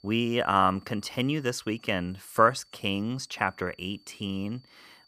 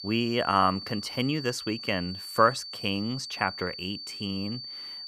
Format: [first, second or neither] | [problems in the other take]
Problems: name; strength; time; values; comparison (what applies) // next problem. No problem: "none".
first | high-pitched whine; loud; throughout; 4.5 kHz, 9 dB below the speech; faint in the first